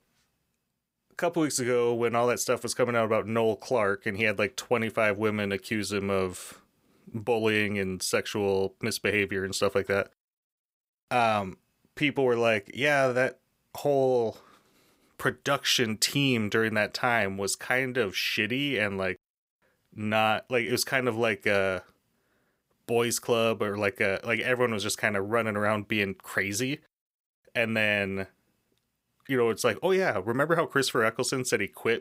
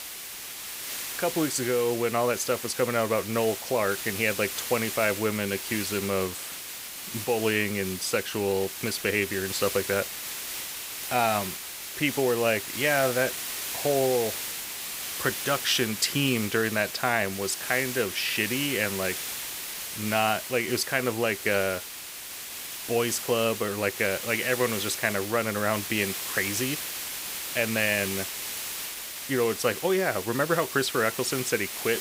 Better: first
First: none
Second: hiss; loud; throughout; 6 dB below the speech

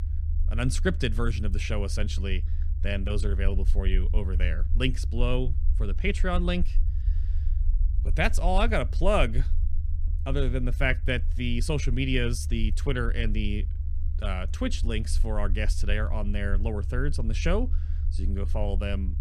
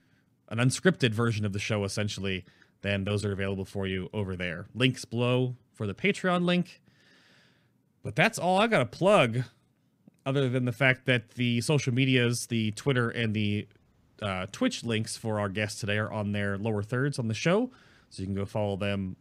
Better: second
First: low rumble; noticeable; throughout; 20 dB below the speech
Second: none

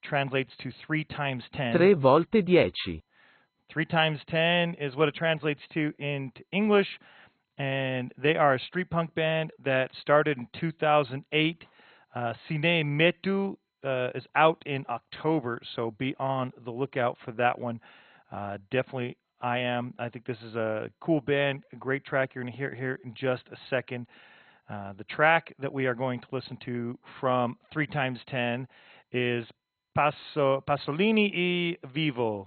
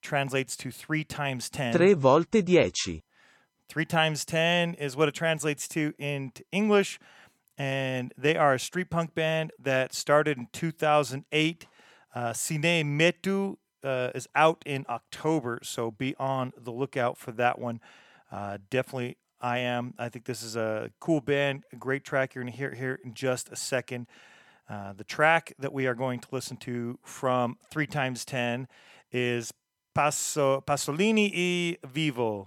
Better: second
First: garbled, watery; badly; nothing above 3.5 kHz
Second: none

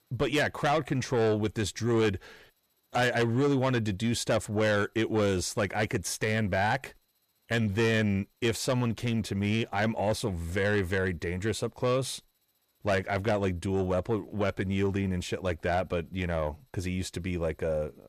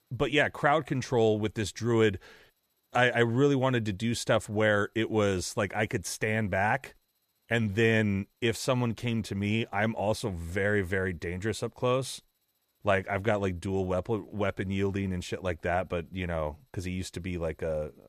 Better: second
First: distortion; slight; 10 dB below the speech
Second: none

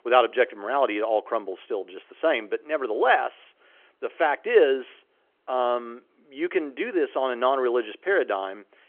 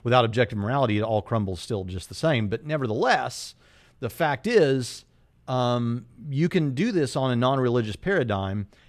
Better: second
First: phone-call audio; nothing above 3.5 kHz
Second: none

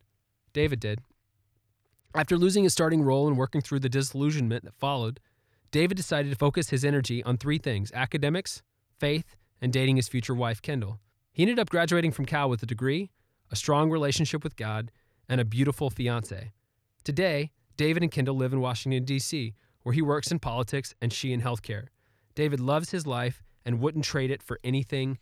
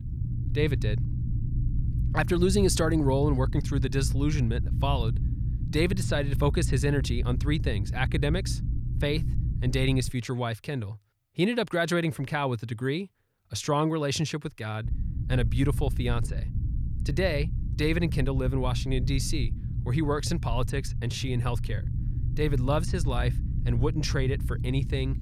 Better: first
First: none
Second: low rumble; noticeable; until 10 s and from 15 s on; 15 dB below the speech

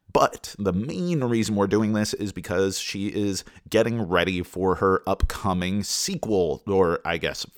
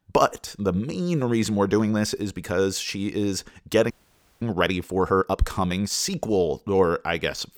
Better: first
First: none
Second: audio freezing; at 4 s for 0.5 s

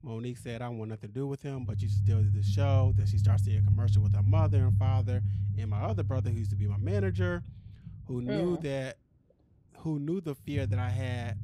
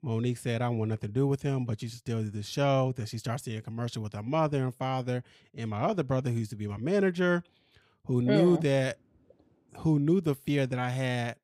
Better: second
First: low rumble; loud; throughout; 4 dB below the speech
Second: none

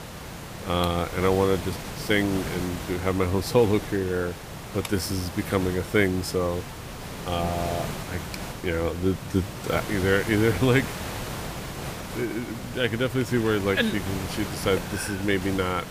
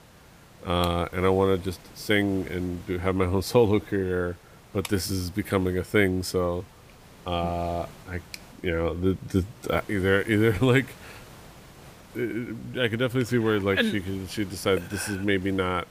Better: second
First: hiss; loud; throughout; 9 dB below the speech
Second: hiss; faint; throughout; 25 dB below the speech

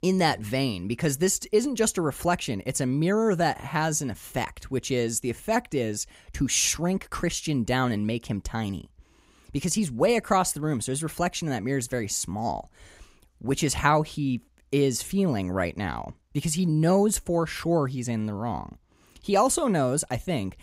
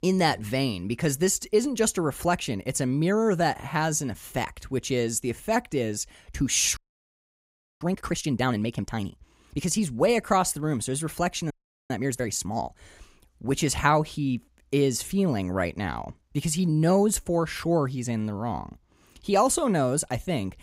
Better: first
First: none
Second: audio freezing; at 7 s for 1 s and at 12 s

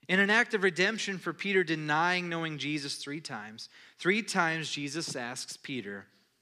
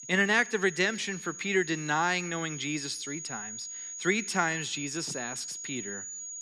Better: first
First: none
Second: high-pitched whine; loud; throughout; 6.5 kHz, 9 dB below the speech

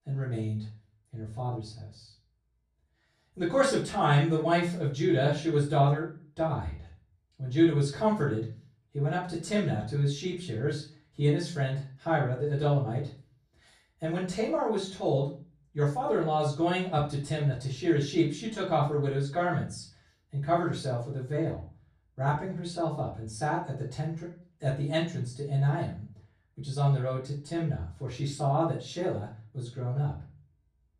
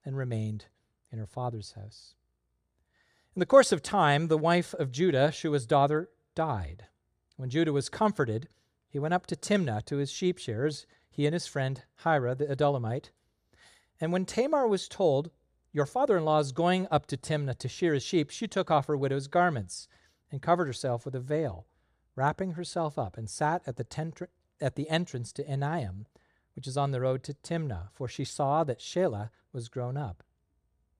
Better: second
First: off-mic speech; far // room echo; slight; dies away in 0.3 s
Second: none

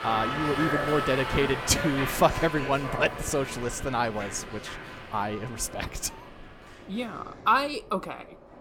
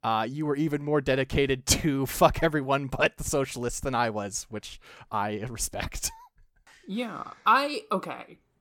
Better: second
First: train or aircraft noise; loud; throughout; 5 dB below the speech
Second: none

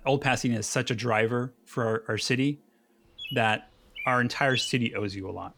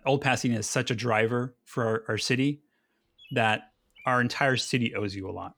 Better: second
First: animal sounds; loud; throughout; 9 dB below the speech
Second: animal sounds; faint; throughout; 25 dB below the speech

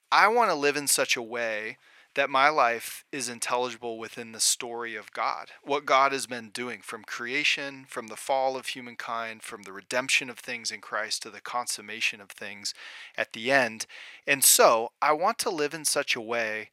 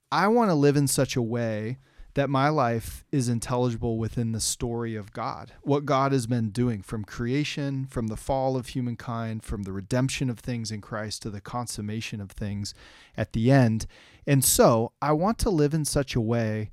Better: second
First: thin; very; fading below 650 Hz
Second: none

